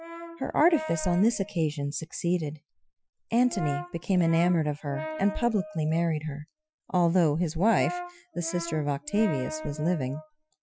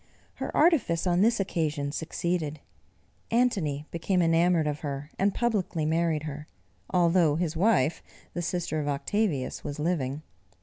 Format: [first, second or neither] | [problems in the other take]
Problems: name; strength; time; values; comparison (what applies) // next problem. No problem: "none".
second | noise reduction (classical method Wiener filter)